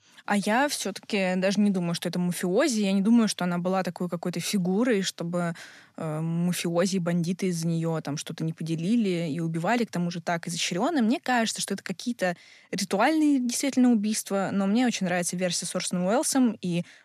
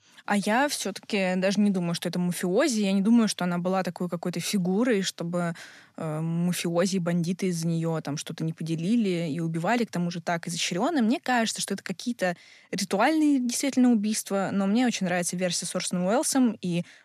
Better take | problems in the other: neither | none

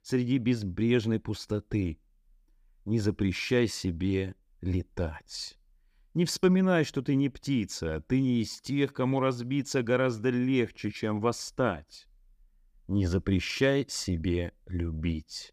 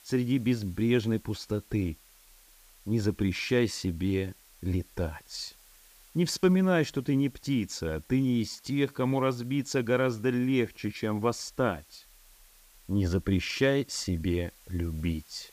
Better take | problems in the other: first | hiss; faint; throughout; 25 dB below the speech

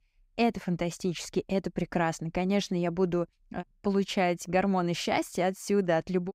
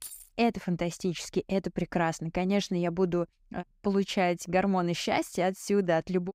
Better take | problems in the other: first | jangling keys; faint; at the start; peak 15 dB below the speech

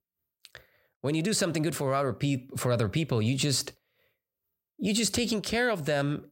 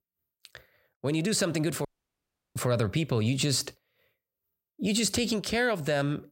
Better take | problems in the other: first | audio cutting out; at 2 s for 0.5 s

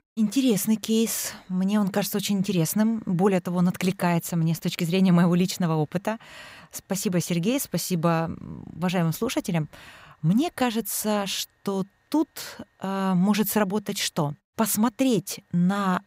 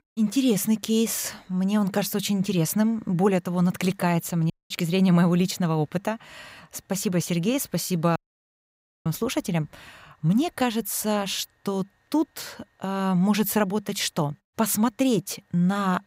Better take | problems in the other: first | audio cutting out; at 4.5 s and at 8 s for 1 s

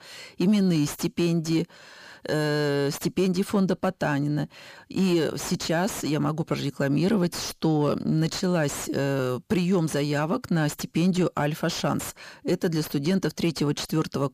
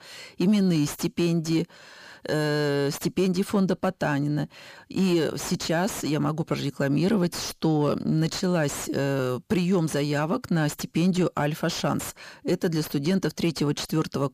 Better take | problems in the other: neither | distortion; slight; 10 dB below the speech; the same in both

